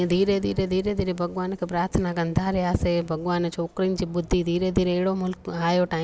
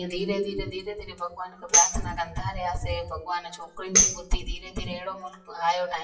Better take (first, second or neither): first